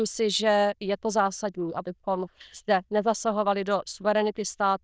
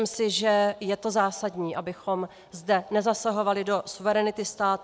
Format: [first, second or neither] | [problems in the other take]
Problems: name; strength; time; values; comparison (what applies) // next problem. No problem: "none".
second | noise reduction (neural diffusion model UNIVERSE++)